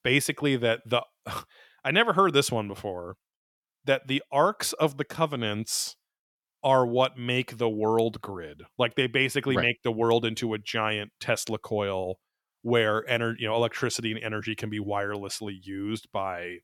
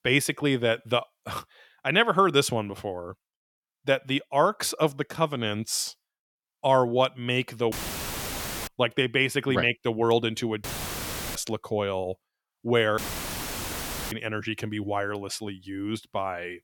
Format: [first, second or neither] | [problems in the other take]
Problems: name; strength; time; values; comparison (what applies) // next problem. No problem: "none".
first | audio cutting out; filled with static; at 7.5 s for 1 s, at 11 s for 0.5 s and at 13 s for 1 s